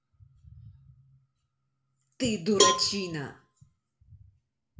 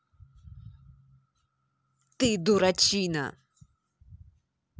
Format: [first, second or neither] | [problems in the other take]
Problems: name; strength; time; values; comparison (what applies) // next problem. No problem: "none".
second | background sound (Cowbell); 4 dB above the speech // room echo; dies away in 0.4 s